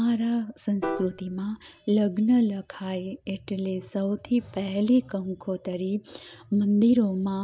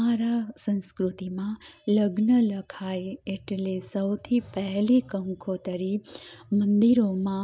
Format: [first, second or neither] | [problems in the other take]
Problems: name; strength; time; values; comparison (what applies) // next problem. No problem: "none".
second | background sound (Piano); 13 dB below the speech